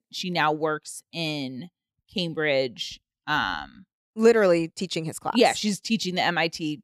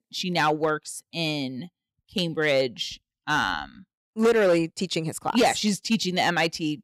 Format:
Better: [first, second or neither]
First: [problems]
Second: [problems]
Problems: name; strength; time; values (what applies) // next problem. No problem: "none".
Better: first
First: none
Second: distortion; slight; 3% of the sound clipped